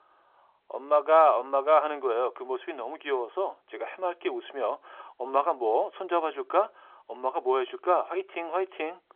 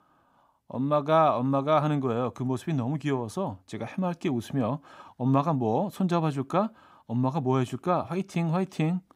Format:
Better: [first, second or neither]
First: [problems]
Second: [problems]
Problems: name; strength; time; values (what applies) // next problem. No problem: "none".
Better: second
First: phone-call audio; nothing above 3.5 kHz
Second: none